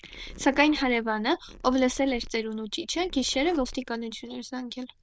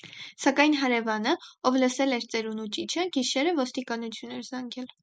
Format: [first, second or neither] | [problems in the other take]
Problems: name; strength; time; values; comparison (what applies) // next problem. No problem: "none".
second | noise reduction (neural diffusion model UNIVERSE++)